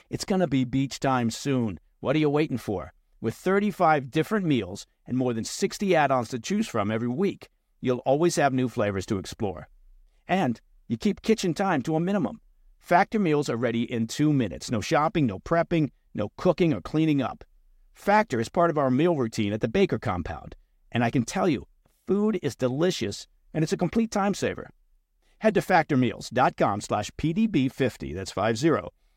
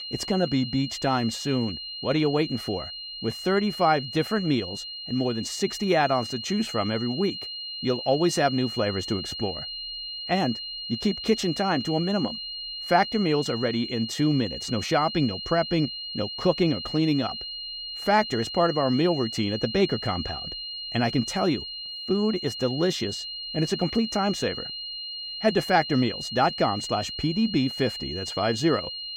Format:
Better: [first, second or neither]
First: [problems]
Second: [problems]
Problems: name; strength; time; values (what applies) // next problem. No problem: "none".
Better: first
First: none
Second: high-pitched whine; loud; throughout; 4 kHz, 7 dB below the speech